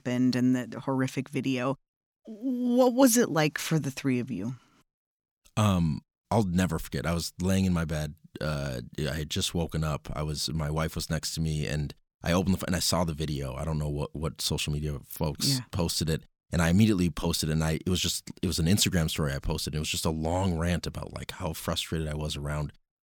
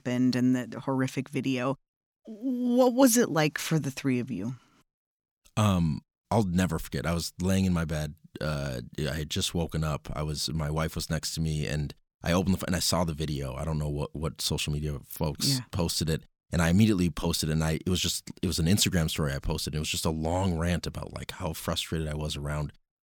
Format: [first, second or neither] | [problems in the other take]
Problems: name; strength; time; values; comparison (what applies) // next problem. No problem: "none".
neither | none